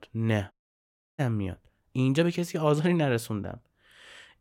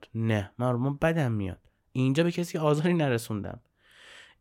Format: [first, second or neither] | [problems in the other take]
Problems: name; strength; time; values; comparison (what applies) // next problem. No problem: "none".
second | audio cutting out; at 0.5 s for 0.5 s